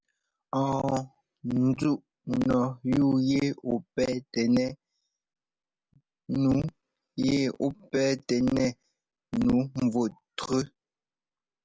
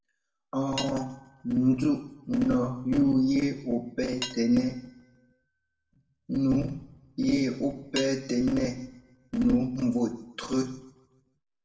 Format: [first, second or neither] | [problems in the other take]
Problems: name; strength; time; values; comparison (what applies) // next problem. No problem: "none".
first | background sound (Cutlery, silverware / Dishes, pots, and pans); 18 dB below the speech // room echo; dies away in 0.7 s